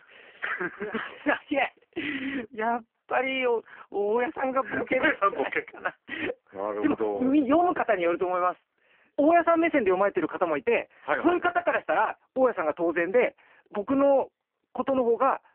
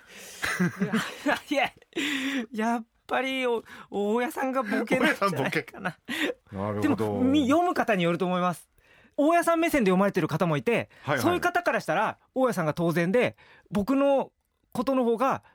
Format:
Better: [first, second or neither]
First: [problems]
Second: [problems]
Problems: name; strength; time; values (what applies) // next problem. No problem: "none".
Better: second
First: phone-call audio; poor line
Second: none